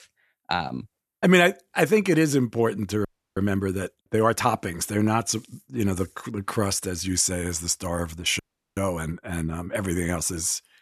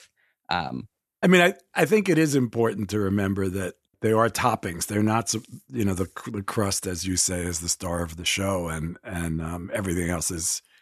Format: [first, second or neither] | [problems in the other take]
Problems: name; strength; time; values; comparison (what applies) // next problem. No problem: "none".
second | audio freezing; at 3 s and at 8.5 s